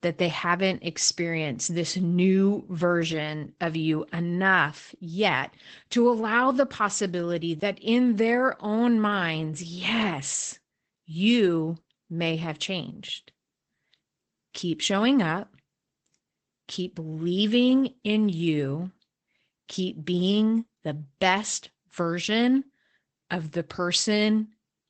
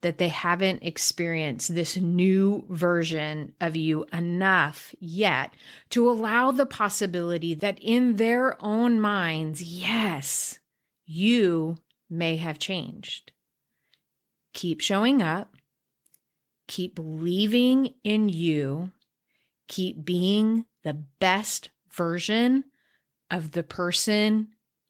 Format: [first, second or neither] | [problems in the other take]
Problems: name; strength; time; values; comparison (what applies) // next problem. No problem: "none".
second | garbled, watery; badly; nothing above 8 kHz; slightly in the second